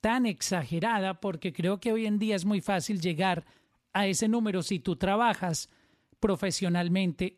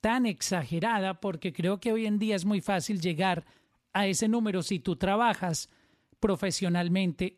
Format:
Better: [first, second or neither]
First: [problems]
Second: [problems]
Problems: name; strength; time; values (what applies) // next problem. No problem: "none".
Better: neither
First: none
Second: none